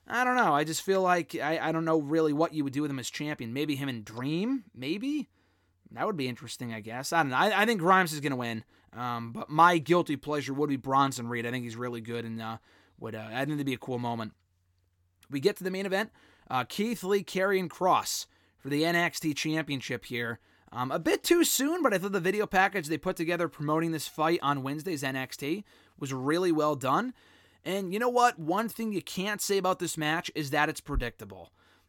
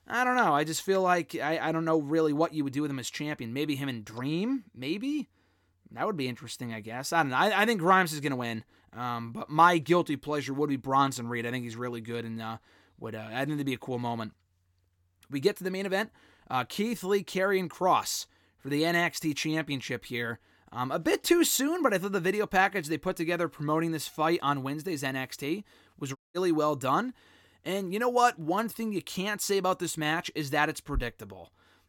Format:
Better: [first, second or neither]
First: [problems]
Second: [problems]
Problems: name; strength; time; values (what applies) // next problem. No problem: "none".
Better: first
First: none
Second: audio cutting out; at 26 s